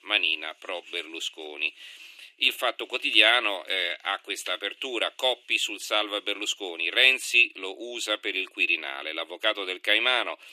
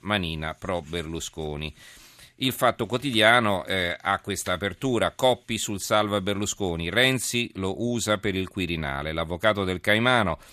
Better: second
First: thin; very; fading below 300 Hz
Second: none

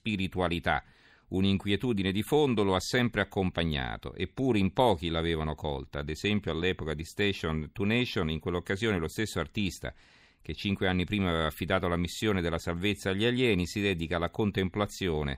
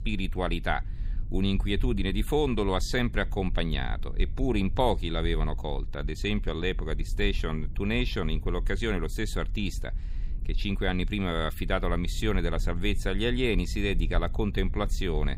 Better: first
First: none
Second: low rumble; faint; throughout; 25 dB below the speech

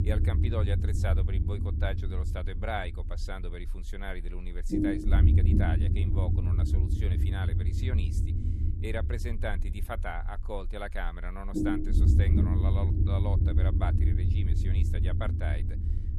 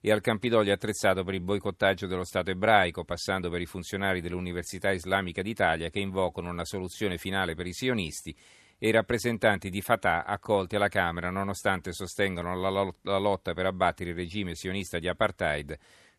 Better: second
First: low rumble; loud; throughout; 1 dB below the speech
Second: none

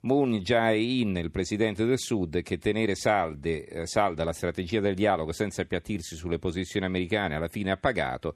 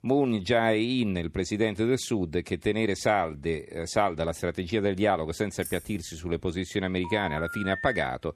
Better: first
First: none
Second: jangling keys; faint; at 5.5 s; peak 15 dB below the speech // phone ringing; noticeable; from 7 s on; peak 7 dB below the speech

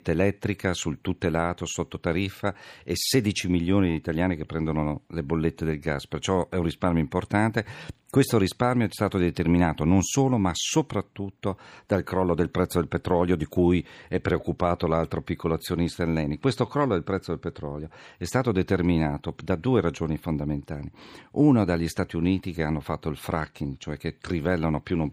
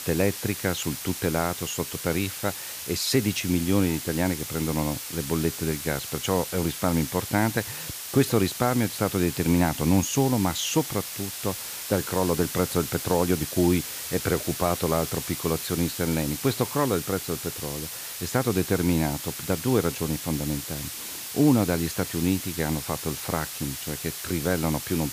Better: first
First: none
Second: hiss; loud; throughout; 6 dB below the speech

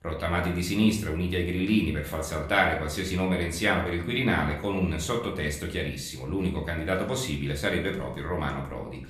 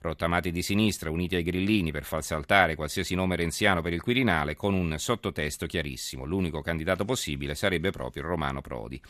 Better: second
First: room echo; slight; dies away in 0.5 s // off-mic speech; somewhat distant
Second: none

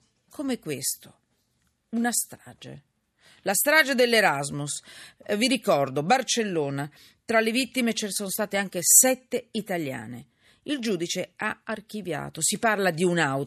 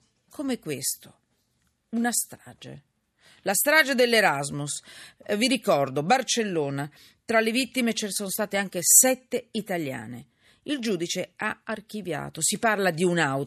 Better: neither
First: none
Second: none

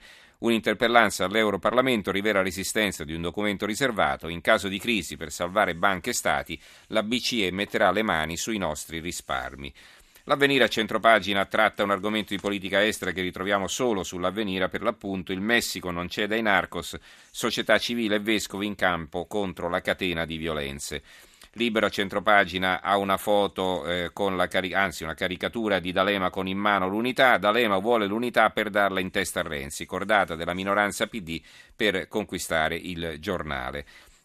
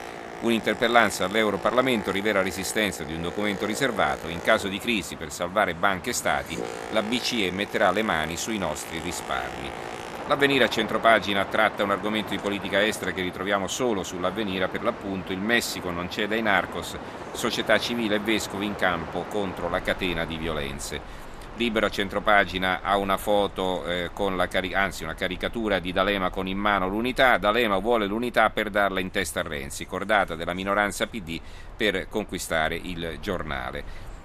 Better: first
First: none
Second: train or aircraft noise; noticeable; throughout; 15 dB below the speech

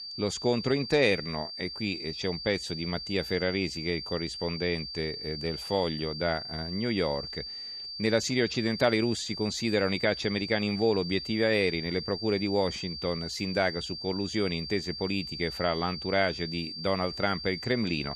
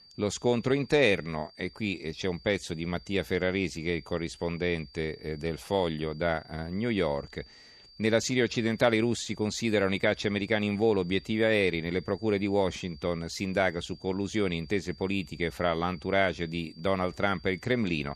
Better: second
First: high-pitched whine; loud; throughout; 4.5 kHz, 7 dB below the speech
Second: high-pitched whine; faint; throughout; 4.5 kHz, 25 dB below the speech

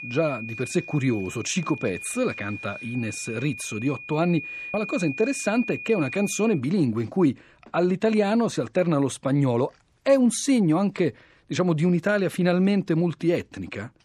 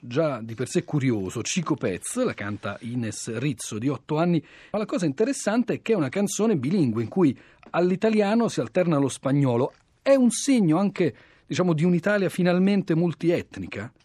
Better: second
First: high-pitched whine; noticeable; until 6.5 s; 2.5 kHz, 10 dB below the speech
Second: none

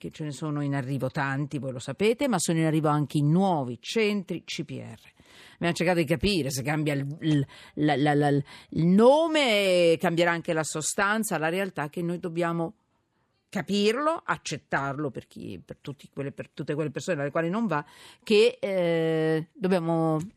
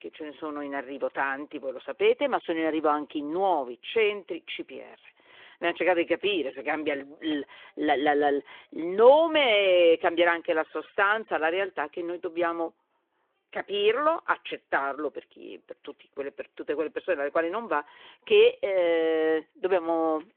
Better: first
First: none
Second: phone-call audio; nothing above 3.5 kHz

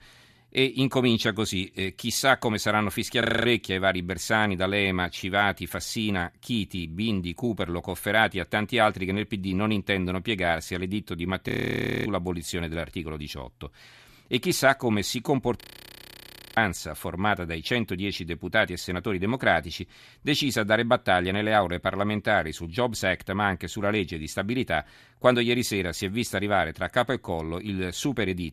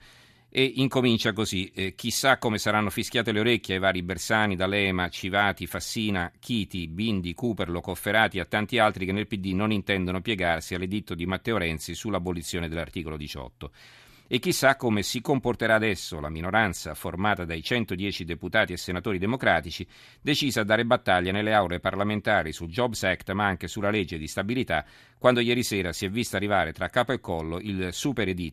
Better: second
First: audio freezing; at 3 s, at 11 s for 0.5 s and at 16 s for 1 s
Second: none

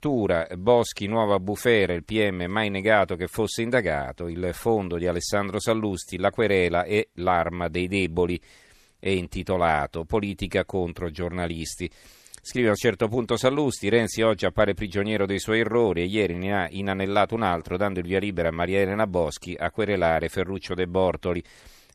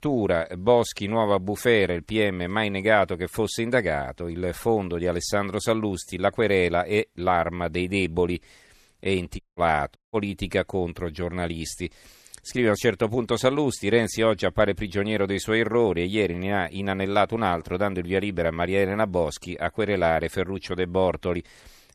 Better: first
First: none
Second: audio cutting out; at 9.5 s and at 10 s

